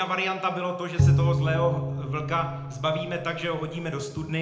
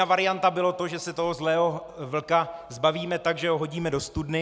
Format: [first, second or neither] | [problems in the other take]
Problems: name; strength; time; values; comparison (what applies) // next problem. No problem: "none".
second | background sound (Bowed string instrument); 3 dB above the speech // room echo; dies away in 0.8 s